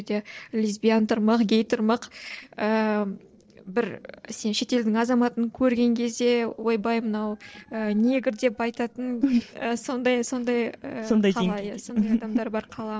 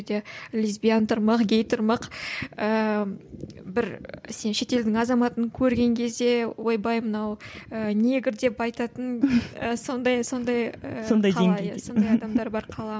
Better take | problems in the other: second | noise reduction (neural separator model SepFormer DNS4)

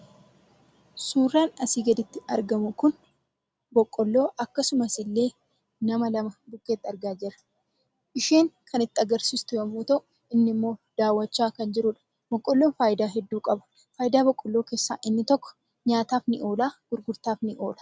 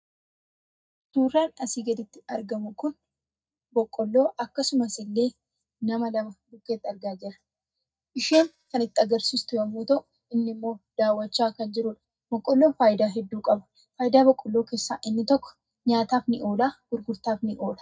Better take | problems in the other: first | noise reduction (neural mask model DeepFilterNet 3)

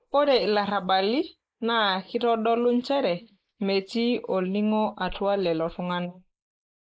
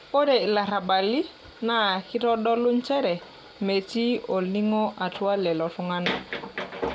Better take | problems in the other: second | noise reduction (neural mask model Resemble Enhance denoiser)

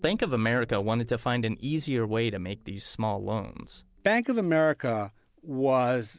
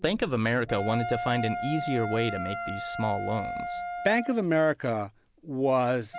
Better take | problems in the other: first | background sound (Wind instrument, woodwind instrument); 7 dB below the speech

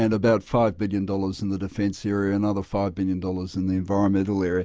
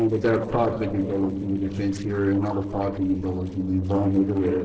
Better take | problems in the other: first | noise reduction (neural separator model SepFormer DNS4)

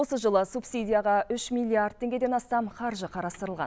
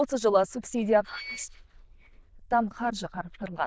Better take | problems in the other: first | noise reduction (neural diffusion model UNIVERSE++)

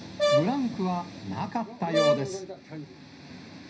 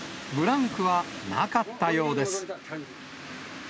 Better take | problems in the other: second | background sound (Brass instrument); 3 dB above the speech // room echo; dies away in 0.5 s

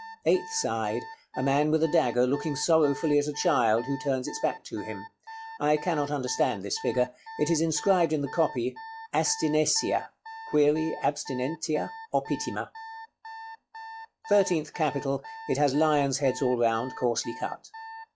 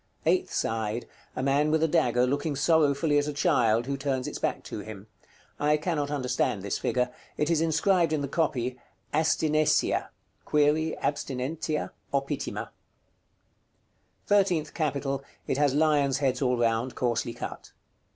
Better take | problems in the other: second | noise reduction (classical method log-MMSE)

